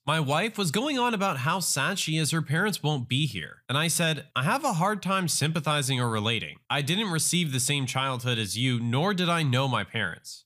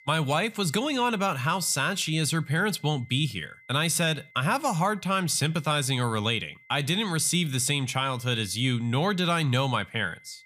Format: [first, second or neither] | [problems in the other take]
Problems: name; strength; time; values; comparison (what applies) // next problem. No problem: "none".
first | high-pitched whine; faint; throughout; 2 kHz, 25 dB below the speech